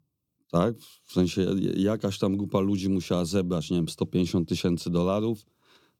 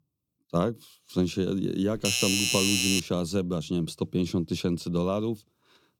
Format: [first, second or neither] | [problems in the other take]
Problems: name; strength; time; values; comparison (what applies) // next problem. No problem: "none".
first | doorbell; loud; from 2 to 3 s; peak 5 dB above the speech